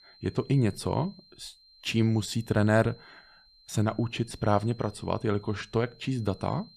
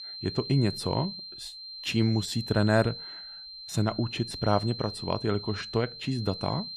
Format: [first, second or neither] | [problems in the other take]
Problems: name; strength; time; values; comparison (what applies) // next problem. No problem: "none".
first | high-pitched whine; loud; throughout; 4 kHz, 9 dB below the speech; faint in the first